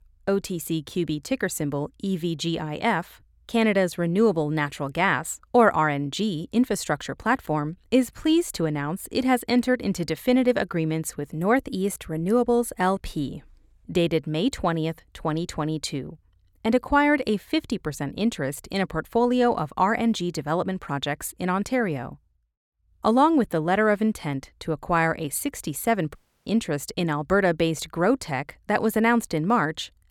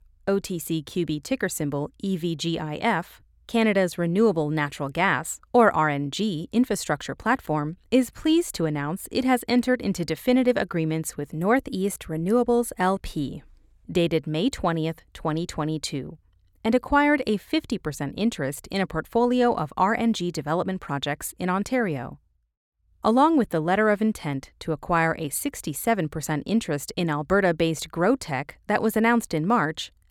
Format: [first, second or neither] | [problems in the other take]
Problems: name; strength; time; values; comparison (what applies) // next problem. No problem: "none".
second | audio cutting out; at 26 s